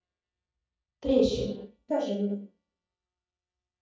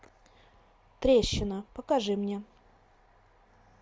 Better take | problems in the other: second | noise reduction (neural mask model DeepFilterNet 3)

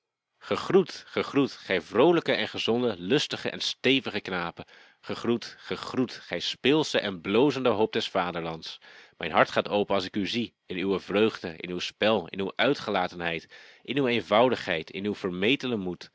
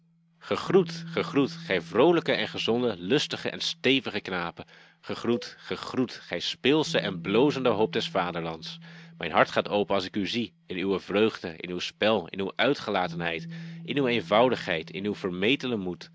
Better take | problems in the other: first | background sound (Bass guitar + Cowbell); 17 dB below the speech

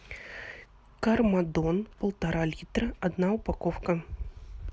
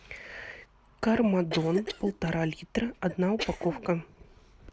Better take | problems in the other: first | noise reduction (neural separator model SepFormer DNS4)

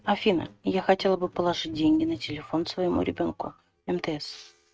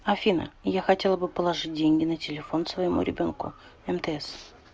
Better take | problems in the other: second | noise reduction (neural mask model RNNoise)

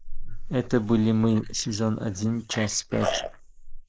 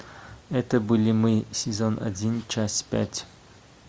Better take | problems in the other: second | noise reduction (neural mask model Resemble Enhance denoiser)

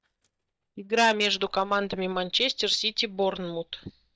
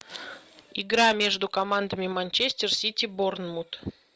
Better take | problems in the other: second | noise reduction (neural mask model DeepFilterNet 3)

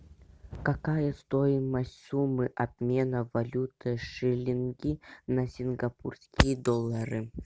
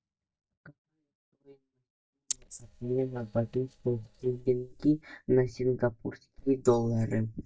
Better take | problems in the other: first | noise reduction (neural mask model DeepFilterNet 3)

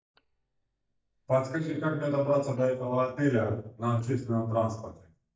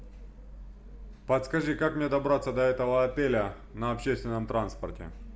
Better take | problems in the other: second | noise reduction (neural mask model DeepFilterNet 3)

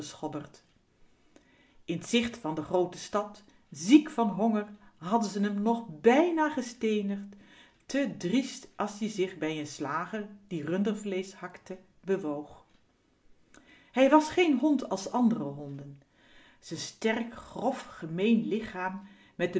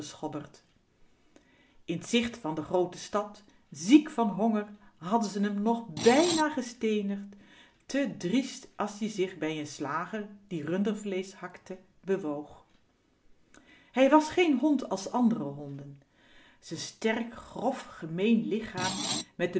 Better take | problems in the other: first | background sound (Screech); 4 dB below the speech

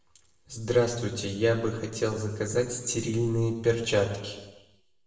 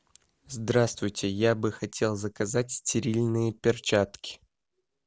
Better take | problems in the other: second | room echo; dies away in 1 s

